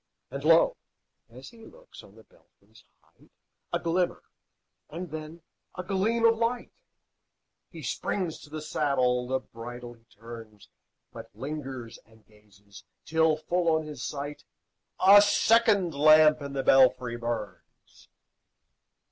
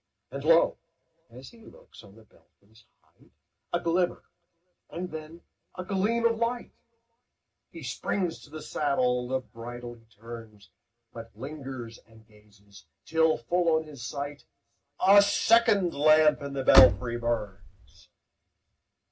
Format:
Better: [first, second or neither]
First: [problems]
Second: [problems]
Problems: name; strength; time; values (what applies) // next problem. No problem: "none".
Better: first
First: none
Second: background sound (Slam); 3 dB above the speech // room echo; dies away in 0.4 s